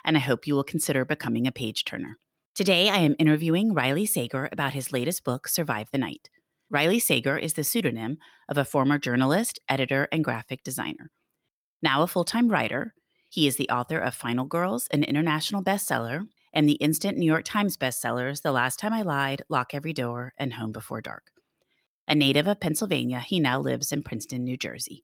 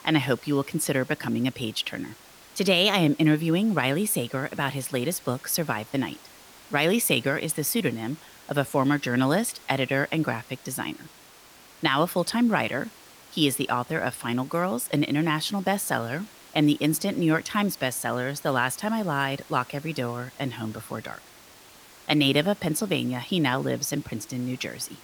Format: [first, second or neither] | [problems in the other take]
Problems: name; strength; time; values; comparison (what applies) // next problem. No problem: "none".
first | hiss; faint; throughout; 20 dB below the speech